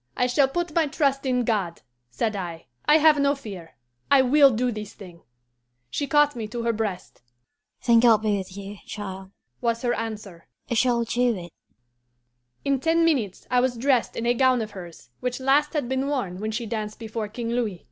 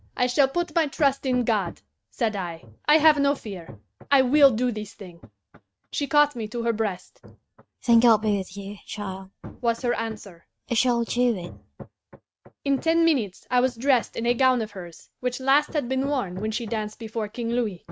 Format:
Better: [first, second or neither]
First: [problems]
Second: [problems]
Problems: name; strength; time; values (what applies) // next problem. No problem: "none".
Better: first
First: none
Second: noise reduction (neural mask model RNNoise)